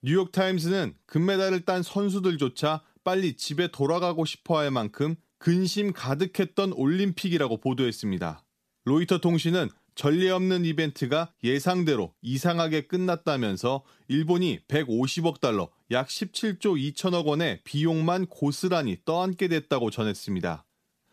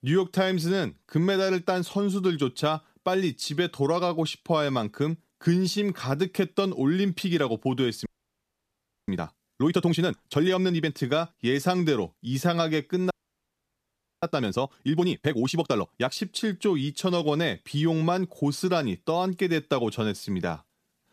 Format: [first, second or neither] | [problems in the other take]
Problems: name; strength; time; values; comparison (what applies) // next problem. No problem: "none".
first | audio freezing; at 8 s for 1 s and at 13 s for 1 s